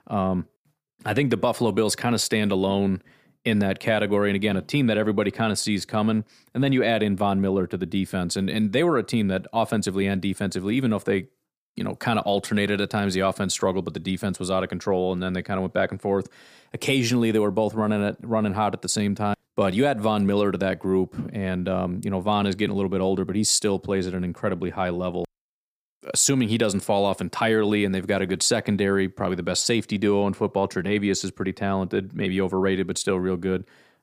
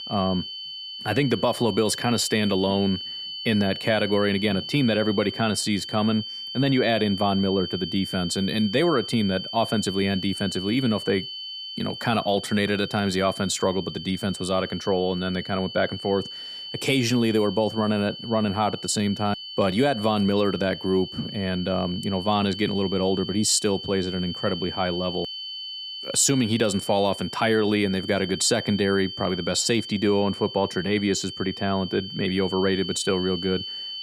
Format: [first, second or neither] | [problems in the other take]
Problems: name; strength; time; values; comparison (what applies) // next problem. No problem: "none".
first | high-pitched whine; loud; throughout; 3 kHz, 9 dB below the speech